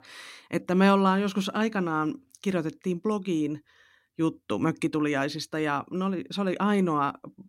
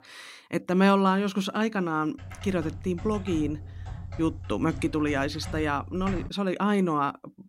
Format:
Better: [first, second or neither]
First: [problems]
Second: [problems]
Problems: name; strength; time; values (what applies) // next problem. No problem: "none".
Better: first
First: none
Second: keyboard typing; noticeable; from 2 to 6.5 s; peak 9 dB below the speech